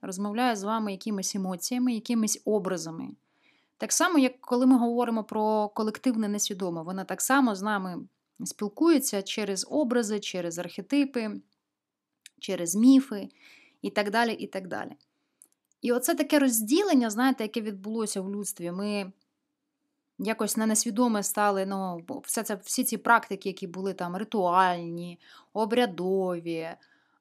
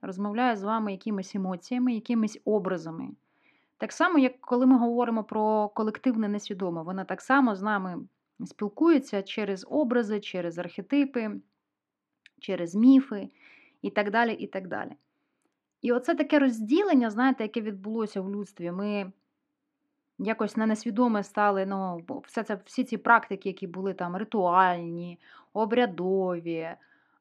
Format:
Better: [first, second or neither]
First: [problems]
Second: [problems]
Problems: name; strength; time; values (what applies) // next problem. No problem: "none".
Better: first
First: none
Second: muffled; very; fading above 2 kHz